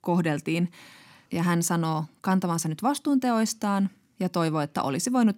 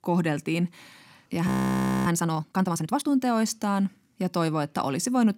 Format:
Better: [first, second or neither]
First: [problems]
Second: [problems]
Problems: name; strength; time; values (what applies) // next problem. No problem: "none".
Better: first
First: none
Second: audio freezing; at 1.5 s for 0.5 s